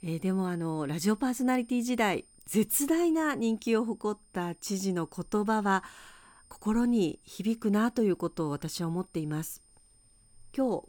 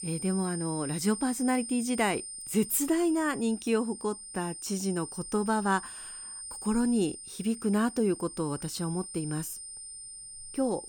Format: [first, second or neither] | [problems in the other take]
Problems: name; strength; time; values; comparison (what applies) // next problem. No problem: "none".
first | high-pitched whine; loud; throughout; 9 kHz, 9 dB below the speech; faint in the first